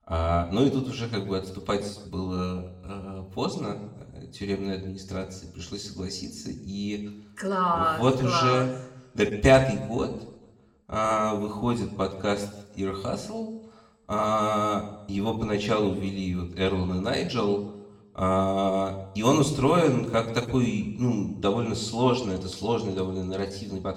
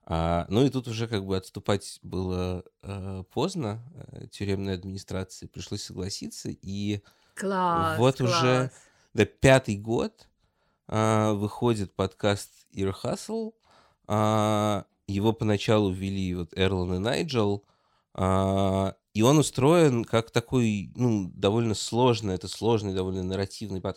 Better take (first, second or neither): second